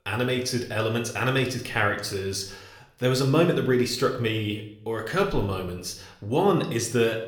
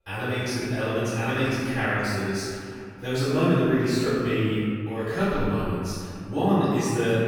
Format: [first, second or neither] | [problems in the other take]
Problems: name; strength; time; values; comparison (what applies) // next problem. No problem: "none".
first | room echo; strong; dies away in 2.2 s; slight in the first // off-mic speech; far